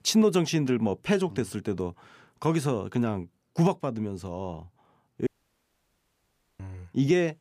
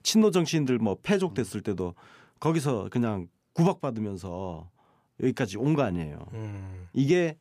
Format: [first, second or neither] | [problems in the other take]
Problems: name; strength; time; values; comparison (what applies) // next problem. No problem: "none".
second | audio cutting out; at 5.5 s for 1.5 s